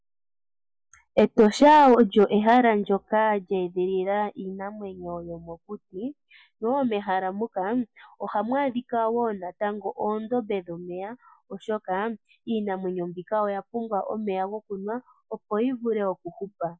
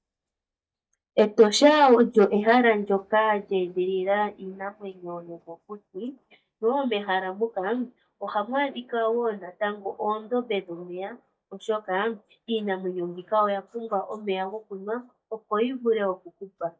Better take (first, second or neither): first